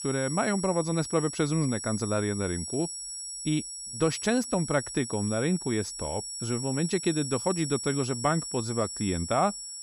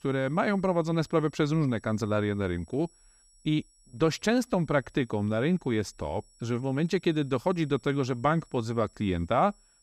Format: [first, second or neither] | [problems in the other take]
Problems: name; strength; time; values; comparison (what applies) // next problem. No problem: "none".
second | high-pitched whine; loud; throughout; 8 kHz, 6 dB below the speech; faint in the second